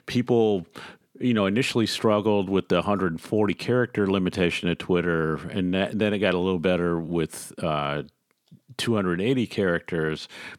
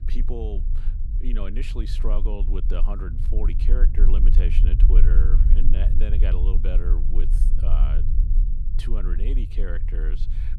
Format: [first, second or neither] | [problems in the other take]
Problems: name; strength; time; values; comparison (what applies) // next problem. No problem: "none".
first | low rumble; loud; throughout; 6 dB below the speech